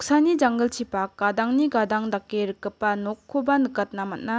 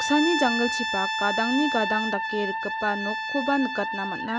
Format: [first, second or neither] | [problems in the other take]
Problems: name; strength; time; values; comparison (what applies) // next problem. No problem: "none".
first | background sound (Brass instrument); 2 dB below the speech